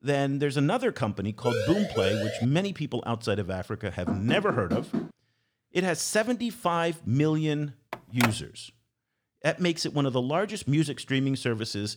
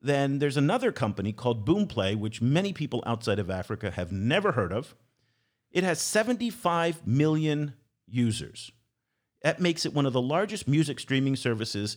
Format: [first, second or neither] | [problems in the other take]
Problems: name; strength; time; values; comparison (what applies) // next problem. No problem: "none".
second | siren; noticeable; from 1.5 to 2.5 s; peak 2 dB below the speech // door banging; noticeable; from 4 to 5 s; peak 3 dB below the speech // phone ringing; noticeable; at 8 s; peak 1 dB below the speech